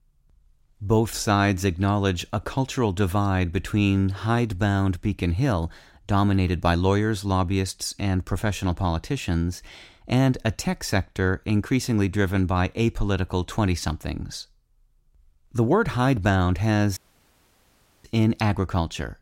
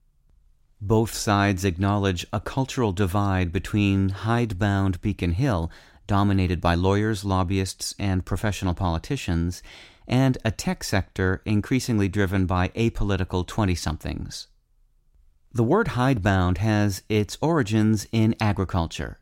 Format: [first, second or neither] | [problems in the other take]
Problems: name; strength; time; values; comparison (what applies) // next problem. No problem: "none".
second | audio cutting out; at 17 s for 1 s